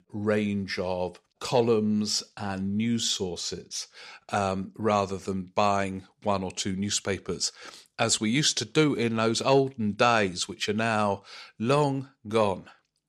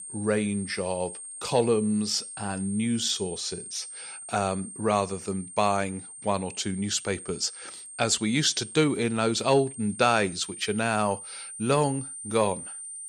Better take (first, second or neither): first